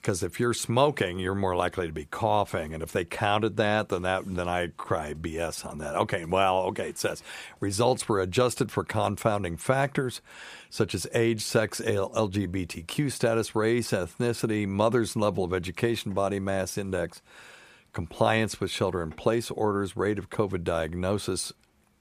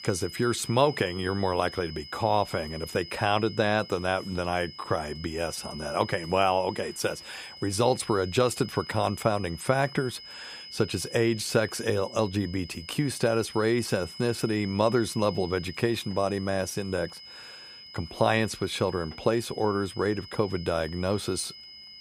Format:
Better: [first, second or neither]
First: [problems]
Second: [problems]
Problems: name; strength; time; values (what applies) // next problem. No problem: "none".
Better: first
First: none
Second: high-pitched whine; noticeable; throughout; 5 kHz, 15 dB below the speech